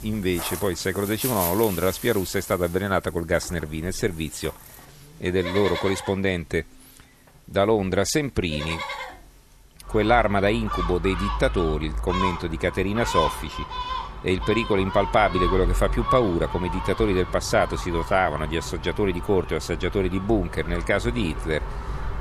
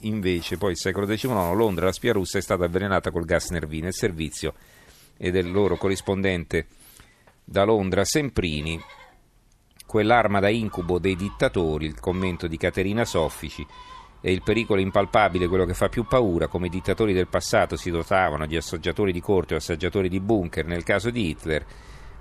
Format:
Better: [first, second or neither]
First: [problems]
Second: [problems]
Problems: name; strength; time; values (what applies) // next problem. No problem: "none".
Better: second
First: animal sounds; loud; throughout; 7 dB below the speech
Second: animal sounds; faint; throughout; 20 dB below the speech